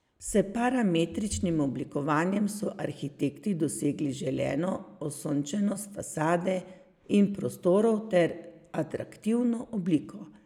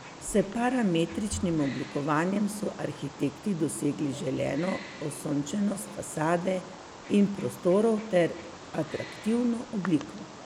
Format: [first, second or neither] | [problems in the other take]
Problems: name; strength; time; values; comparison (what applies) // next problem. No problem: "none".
first | background sound (Wild animals); 15 dB below the speech